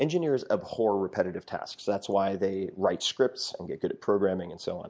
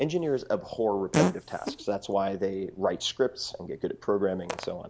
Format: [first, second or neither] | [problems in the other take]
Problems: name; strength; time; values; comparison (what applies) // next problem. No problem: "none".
first | background sound (Fart); 6 dB below the speech